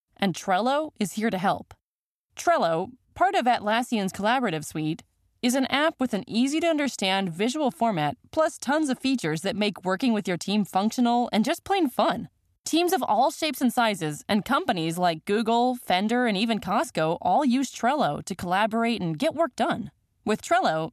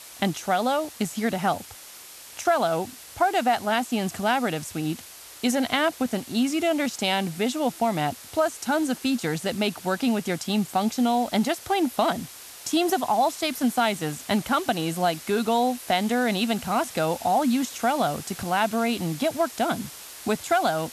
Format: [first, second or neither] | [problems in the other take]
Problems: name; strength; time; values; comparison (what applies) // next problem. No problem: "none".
first | hiss; noticeable; throughout; 15 dB below the speech